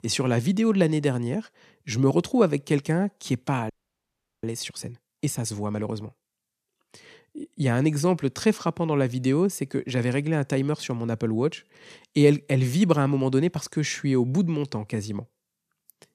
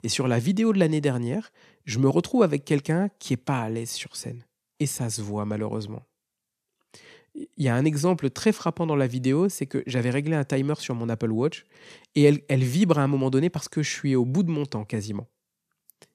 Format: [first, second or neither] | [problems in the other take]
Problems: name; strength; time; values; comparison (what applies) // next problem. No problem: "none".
second | audio freezing; at 3.5 s for 0.5 s